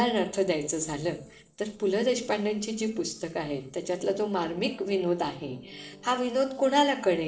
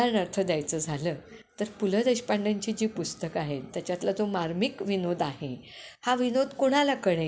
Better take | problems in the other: second | noise reduction (neural separator model SepFormer DNS4)

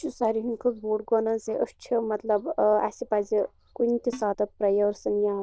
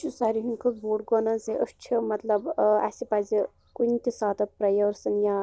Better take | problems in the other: second | noise reduction (neural diffusion model UNIVERSE++)

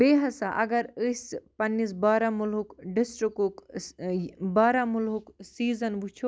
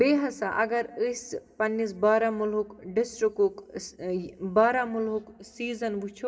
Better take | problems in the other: first | room echo; dies away in 1.2 s

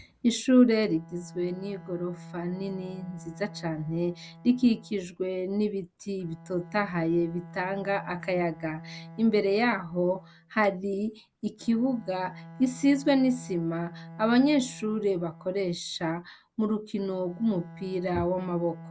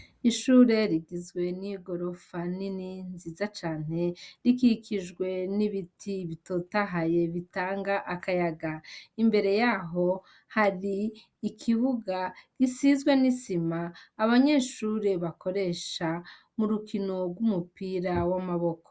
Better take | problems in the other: second | background sound (Bowed string instrument); 18 dB below the speech

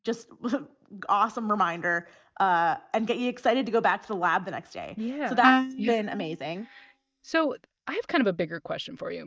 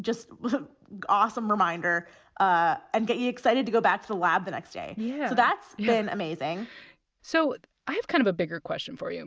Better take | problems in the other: second | noise reduction (neural mask model DeepFilterNet 3)

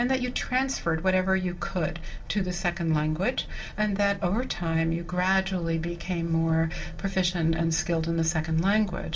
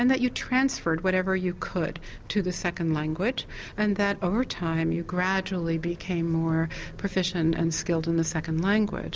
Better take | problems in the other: second | room echo; dies away in 0.2 s

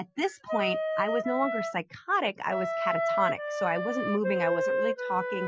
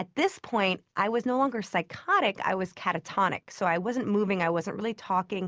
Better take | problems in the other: second | noise reduction (classical method Wiener filter)

